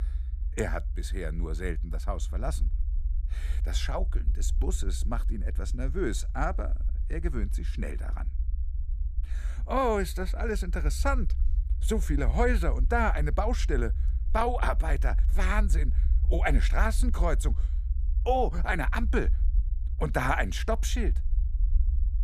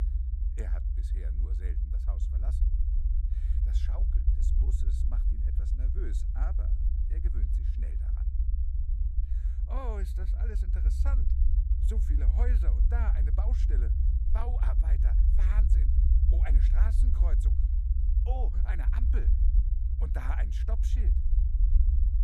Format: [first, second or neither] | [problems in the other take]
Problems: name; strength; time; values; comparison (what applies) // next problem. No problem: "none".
first | low rumble; loud; throughout; 3 dB below the speech; faint in the first